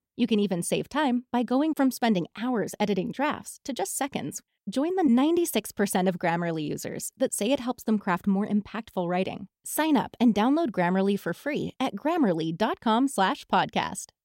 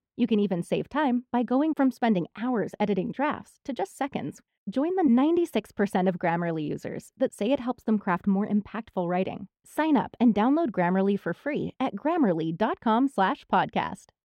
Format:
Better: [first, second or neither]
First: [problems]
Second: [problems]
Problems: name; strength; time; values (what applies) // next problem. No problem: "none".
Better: first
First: none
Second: muffled; slightly; fading above 4 kHz